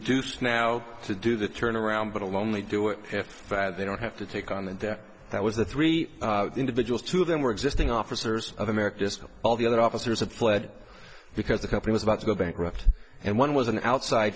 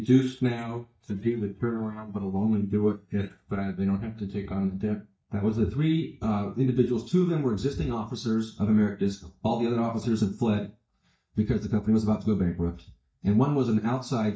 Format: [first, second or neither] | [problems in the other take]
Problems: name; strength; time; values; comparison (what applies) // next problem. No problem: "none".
first | noise reduction (neural mask model DeepFilterNet 3)